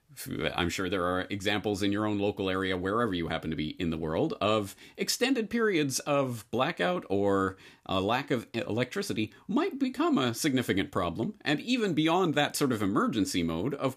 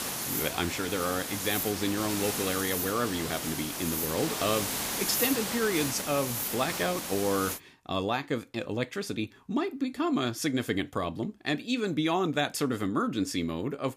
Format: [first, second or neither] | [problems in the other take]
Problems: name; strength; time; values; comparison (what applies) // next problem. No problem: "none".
first | hiss; loud; until 7.5 s; 1 dB below the speech